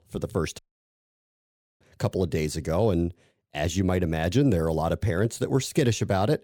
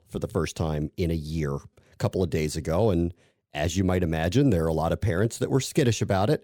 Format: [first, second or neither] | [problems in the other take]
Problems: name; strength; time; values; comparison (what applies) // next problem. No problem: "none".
second | audio cutting out; at 0.5 s for 1 s